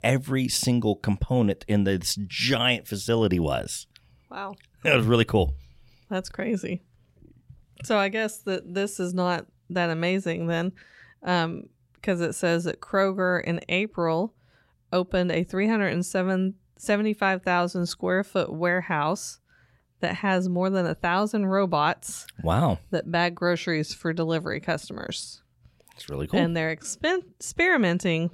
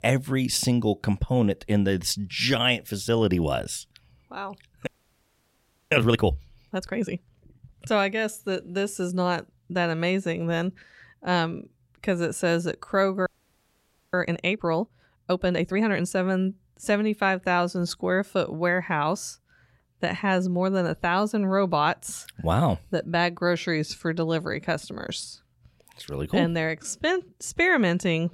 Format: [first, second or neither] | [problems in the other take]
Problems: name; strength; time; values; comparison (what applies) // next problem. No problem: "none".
first | audio freezing; at 5 s for 1 s and at 13 s for 1 s